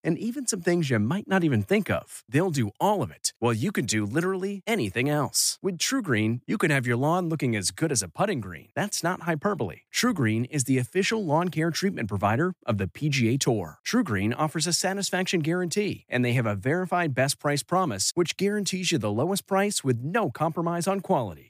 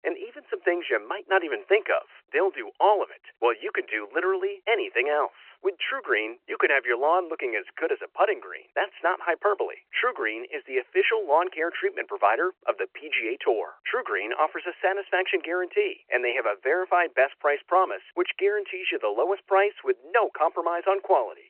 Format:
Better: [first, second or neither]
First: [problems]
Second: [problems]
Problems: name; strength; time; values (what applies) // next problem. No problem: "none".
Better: first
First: none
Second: phone-call audio; nothing above 2.5 kHz